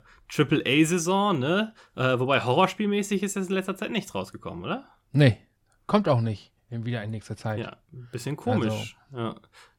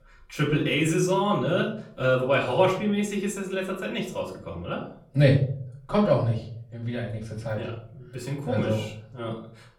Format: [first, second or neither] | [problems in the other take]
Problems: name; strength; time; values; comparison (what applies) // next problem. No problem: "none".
first | room echo; slight; dies away in 0.4 s // off-mic speech; far